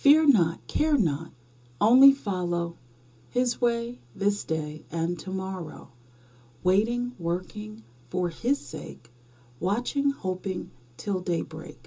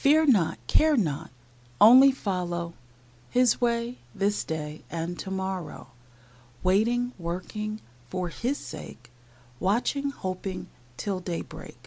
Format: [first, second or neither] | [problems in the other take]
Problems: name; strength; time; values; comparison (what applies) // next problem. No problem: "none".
second | room echo; dies away in 0.2 s